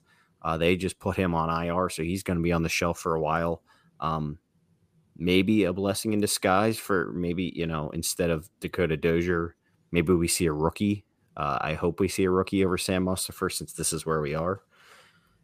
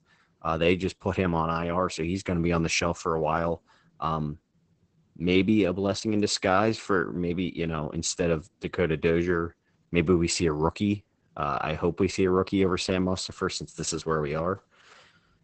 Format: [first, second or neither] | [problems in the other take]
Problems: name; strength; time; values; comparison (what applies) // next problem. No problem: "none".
first | garbled, watery; badly; nothing above 8 kHz